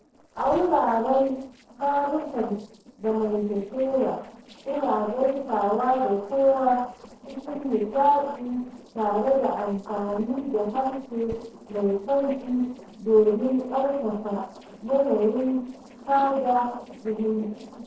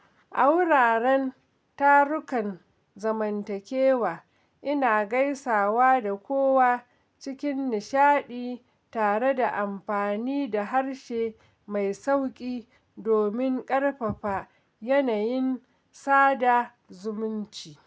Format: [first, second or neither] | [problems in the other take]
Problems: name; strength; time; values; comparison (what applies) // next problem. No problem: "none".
second | noise reduction (neural separator model SepFormer DNS4)